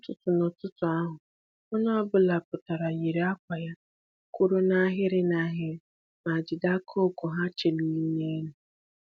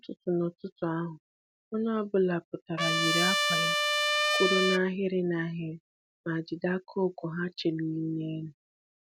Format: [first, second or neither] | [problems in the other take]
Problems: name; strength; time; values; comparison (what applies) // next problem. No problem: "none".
first | background sound (Trumpet); 4 dB above the speech